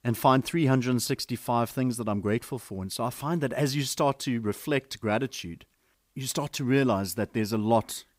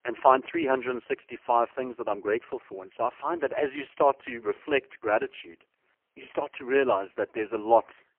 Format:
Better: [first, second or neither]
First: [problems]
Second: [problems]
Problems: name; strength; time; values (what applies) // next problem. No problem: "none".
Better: first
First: none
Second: phone-call audio; poor line; nothing above 3 kHz